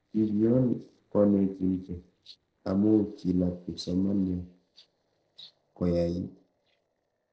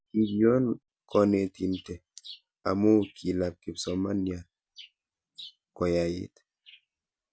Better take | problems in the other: second | noise reduction (neural separator model SepFormer DNS4)

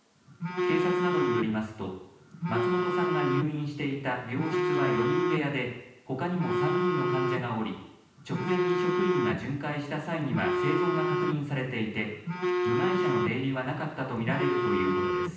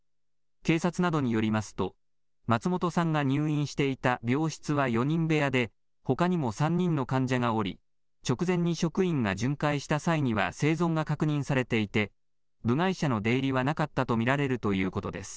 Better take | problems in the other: second | background sound (Telephone); 1 dB above the speech // room echo; dies away in 0.9 s

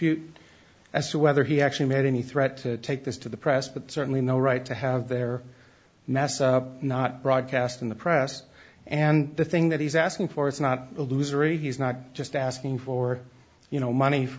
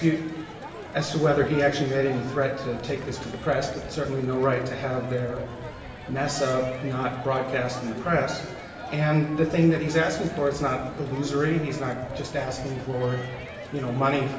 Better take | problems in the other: first | background sound (Crowd); 12 dB below the speech // room echo; dies away in 1 s

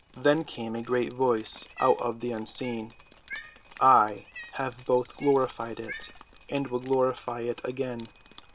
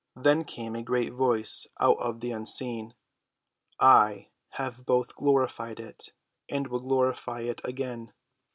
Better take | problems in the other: second | background sound (Drip + Cat); 19 dB below the speech

